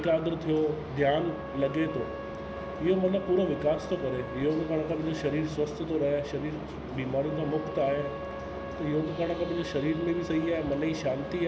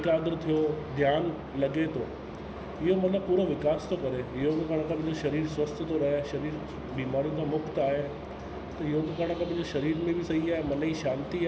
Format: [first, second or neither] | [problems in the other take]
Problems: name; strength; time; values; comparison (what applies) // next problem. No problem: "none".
second | background sound (Wind instrument, woodwind instrument); 13 dB below the speech